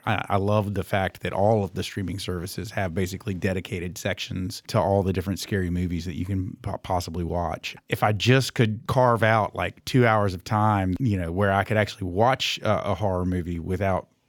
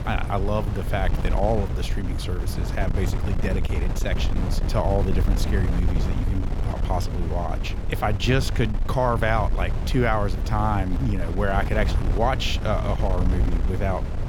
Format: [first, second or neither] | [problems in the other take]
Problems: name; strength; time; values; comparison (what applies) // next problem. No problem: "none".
first | wind noise on the microphone; heavy; 9 dB below the speech